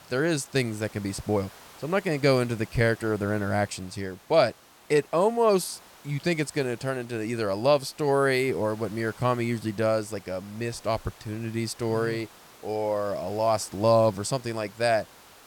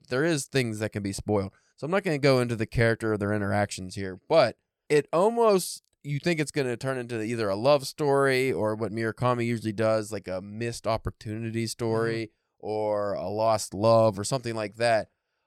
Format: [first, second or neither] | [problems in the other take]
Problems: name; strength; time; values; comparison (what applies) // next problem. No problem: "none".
second | hiss; faint; throughout; 25 dB below the speech